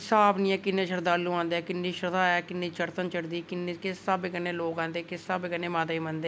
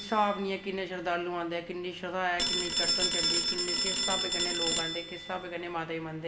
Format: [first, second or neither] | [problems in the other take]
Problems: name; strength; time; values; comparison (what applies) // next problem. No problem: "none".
first | background sound (Telephone); 1 dB above the speech // room echo; dies away in 0.8 s